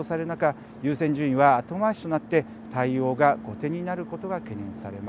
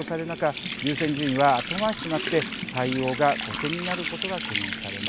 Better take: first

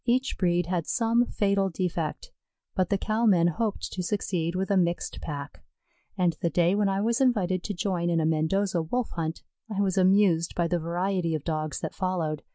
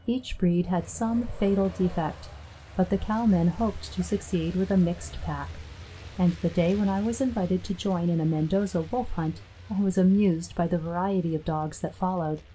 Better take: first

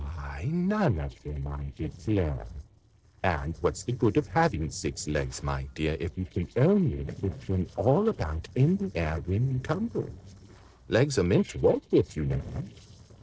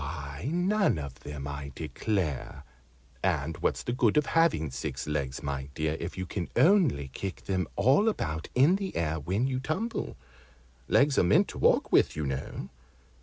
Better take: second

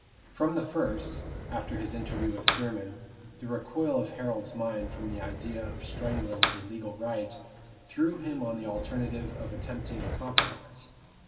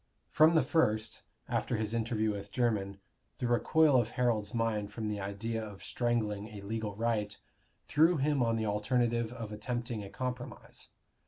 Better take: second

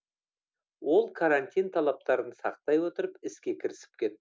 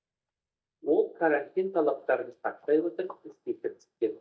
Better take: first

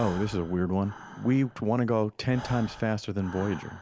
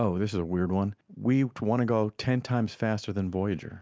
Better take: second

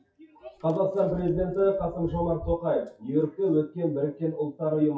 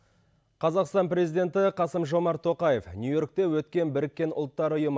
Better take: second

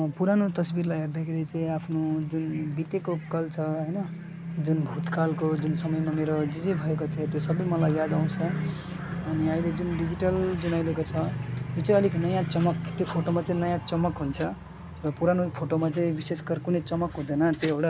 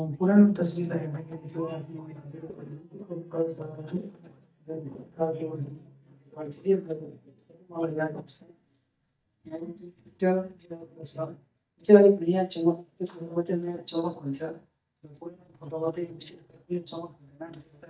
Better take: first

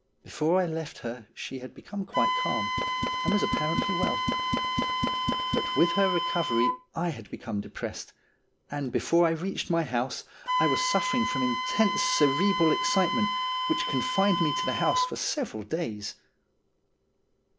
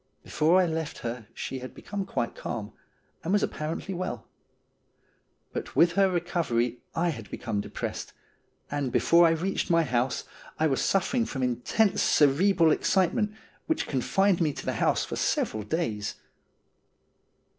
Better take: second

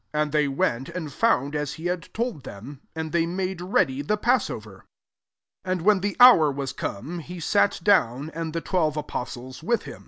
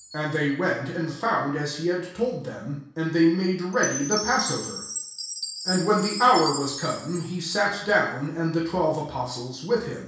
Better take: first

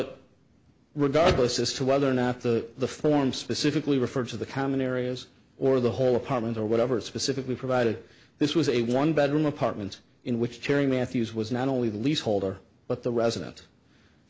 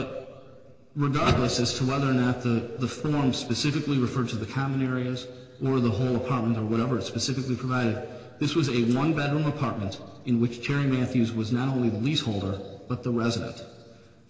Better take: first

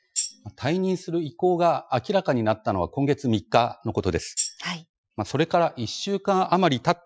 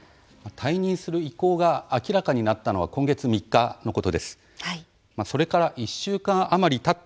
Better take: second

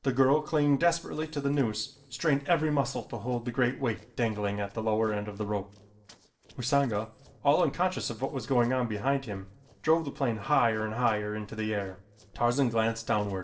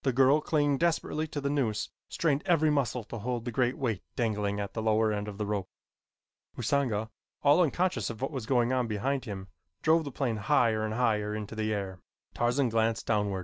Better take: second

